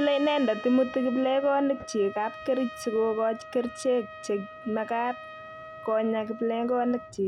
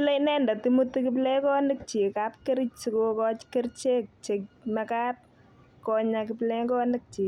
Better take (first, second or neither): second